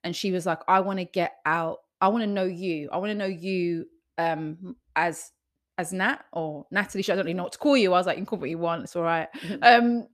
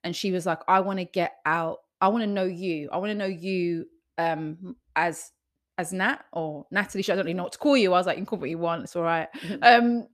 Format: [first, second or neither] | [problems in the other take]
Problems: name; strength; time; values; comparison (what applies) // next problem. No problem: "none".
neither | none